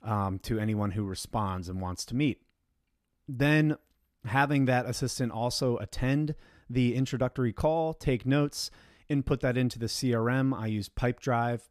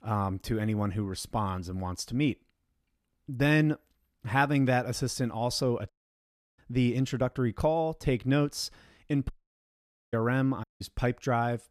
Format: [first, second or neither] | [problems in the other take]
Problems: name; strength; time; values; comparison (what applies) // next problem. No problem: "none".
first | audio cutting out; at 6 s for 0.5 s, at 9.5 s for 1 s and at 11 s